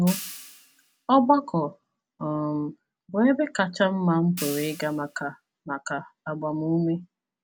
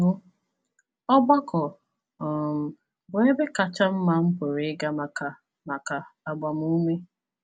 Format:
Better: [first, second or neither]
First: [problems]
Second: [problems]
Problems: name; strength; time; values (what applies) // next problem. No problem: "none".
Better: second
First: background sound (Hi-hat); 15 dB below the speech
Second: none